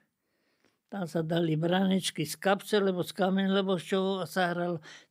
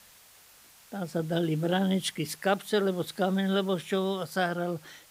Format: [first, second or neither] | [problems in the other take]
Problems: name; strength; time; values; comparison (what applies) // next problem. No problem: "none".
first | hiss; faint; throughout; 25 dB below the speech